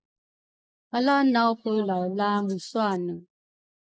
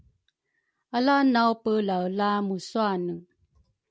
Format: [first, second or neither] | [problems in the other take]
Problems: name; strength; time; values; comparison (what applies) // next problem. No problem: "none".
second | noise reduction (neural mask model Resemble Enhance denoiser)